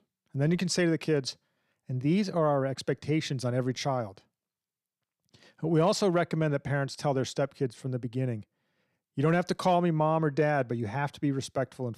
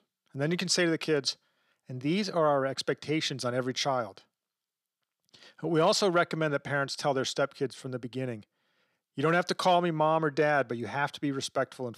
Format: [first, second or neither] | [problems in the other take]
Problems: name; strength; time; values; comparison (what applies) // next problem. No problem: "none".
first | thin; very slightly; fading below 700 Hz